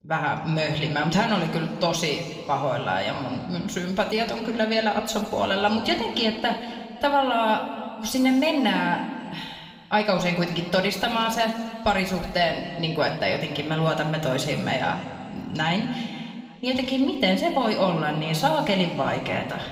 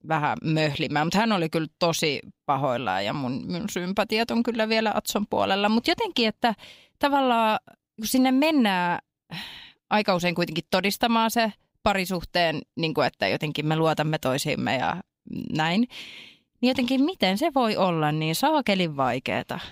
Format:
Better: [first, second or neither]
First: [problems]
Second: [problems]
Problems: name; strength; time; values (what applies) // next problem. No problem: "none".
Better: second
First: room echo; slight; dies away in 2.2 s // off-mic speech; somewhat distant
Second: none